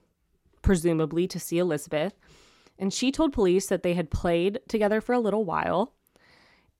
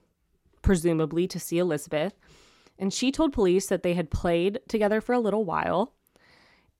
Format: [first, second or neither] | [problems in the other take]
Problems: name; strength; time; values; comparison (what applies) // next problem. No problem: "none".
neither | none